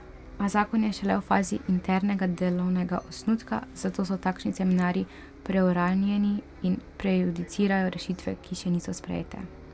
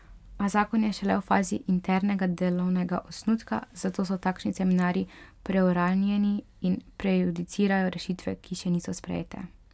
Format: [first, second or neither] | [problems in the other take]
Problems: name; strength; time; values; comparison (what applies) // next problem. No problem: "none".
second | background sound (Bus); 20 dB below the speech